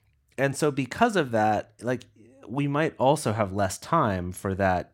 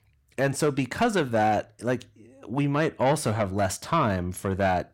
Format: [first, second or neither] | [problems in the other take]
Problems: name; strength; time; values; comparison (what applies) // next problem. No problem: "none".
first | distortion; slight; 10 dB below the speech